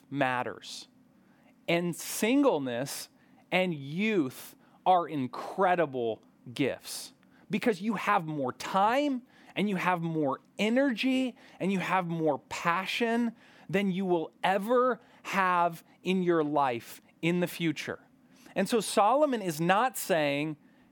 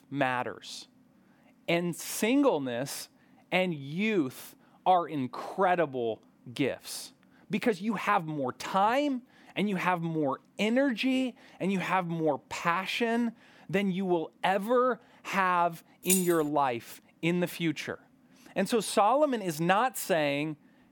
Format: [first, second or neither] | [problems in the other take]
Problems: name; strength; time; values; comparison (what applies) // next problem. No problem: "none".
first | jangling keys; loud; at 16 s; peak 1 dB above the speech